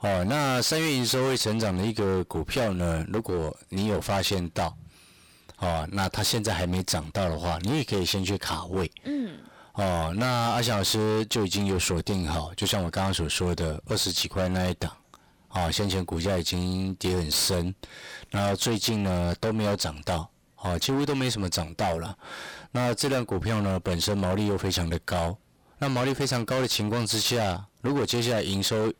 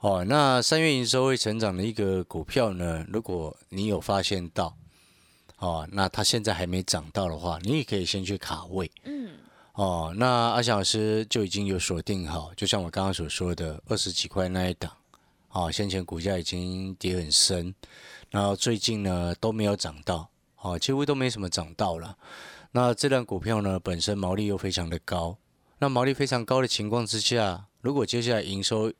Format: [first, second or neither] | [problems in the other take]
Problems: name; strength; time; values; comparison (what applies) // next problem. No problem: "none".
second | distortion; heavy; 22% of the sound clipped